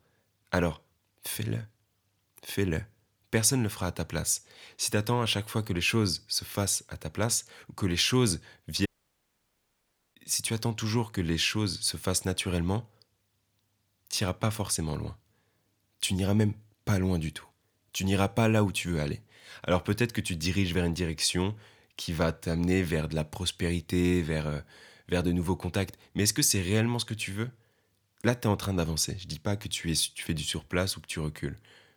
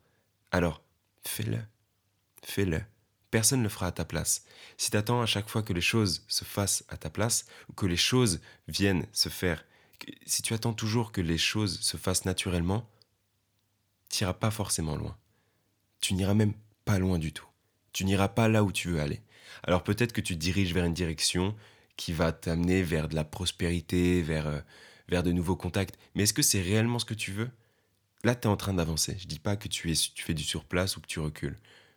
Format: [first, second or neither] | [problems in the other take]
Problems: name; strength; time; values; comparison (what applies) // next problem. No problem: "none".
second | audio cutting out; at 9 s for 1.5 s